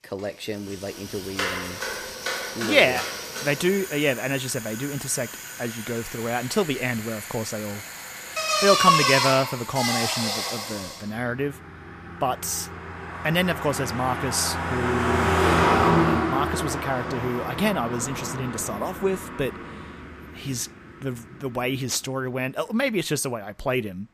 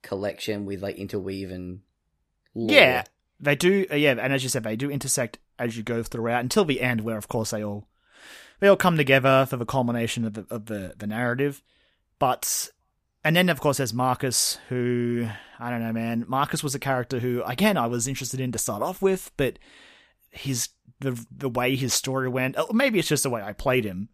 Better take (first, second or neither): second